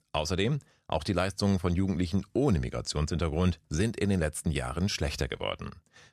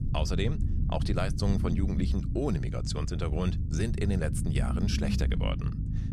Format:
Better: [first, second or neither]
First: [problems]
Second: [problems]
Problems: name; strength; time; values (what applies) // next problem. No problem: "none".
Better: first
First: none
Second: low rumble; loud; throughout; 7 dB below the speech